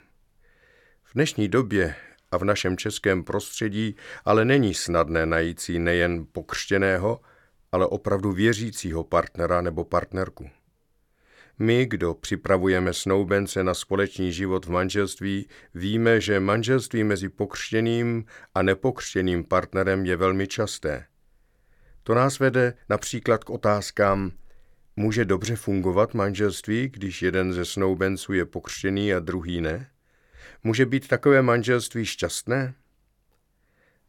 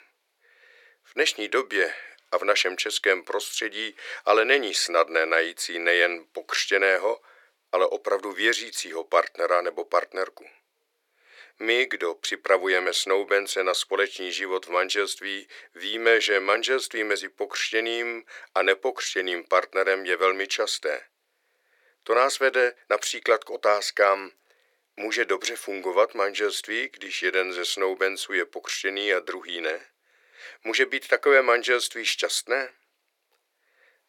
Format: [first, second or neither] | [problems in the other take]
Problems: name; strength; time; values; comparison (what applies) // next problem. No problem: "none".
first | thin; very; fading below 400 Hz